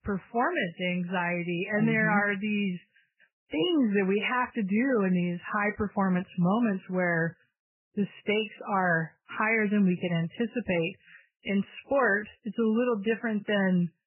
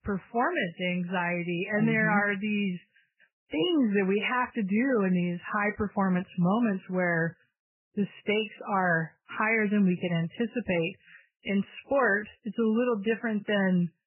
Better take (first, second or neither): neither